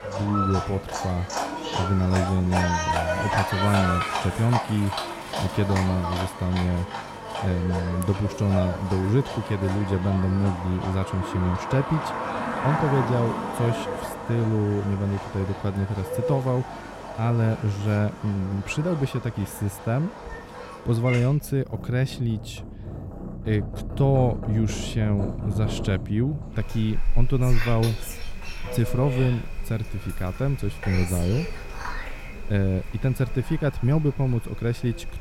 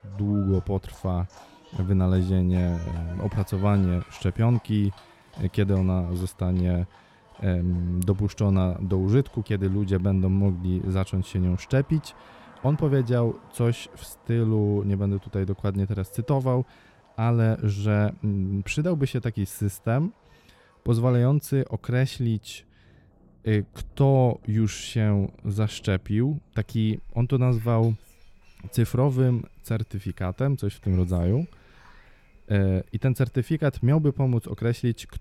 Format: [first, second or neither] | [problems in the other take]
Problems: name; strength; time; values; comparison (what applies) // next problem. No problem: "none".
second | animal sounds; loud; throughout; 6 dB below the speech; faint in the second